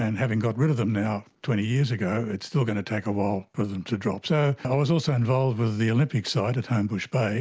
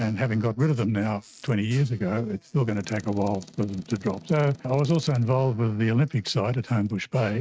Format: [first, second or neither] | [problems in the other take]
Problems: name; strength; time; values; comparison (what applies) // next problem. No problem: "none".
first | noise reduction (neural mask model RNNoise)